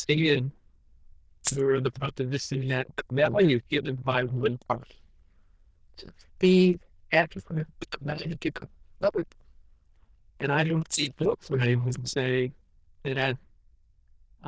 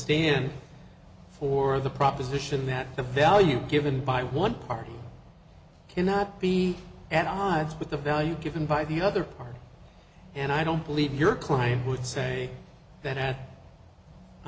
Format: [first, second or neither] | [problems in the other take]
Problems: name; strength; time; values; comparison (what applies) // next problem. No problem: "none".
second | noise reduction (neural diffusion model UNIVERSE++)